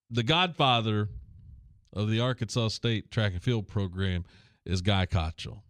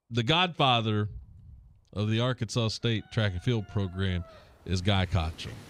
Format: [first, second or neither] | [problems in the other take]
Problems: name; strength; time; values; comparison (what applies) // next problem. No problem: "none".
first | animal sounds; faint; throughout; 25 dB below the speech